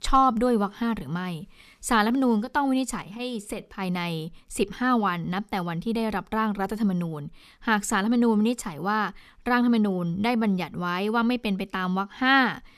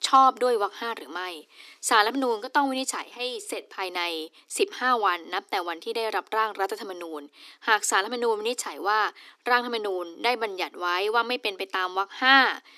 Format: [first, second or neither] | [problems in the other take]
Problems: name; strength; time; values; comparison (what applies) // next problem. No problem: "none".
first | thin; very; fading below 300 Hz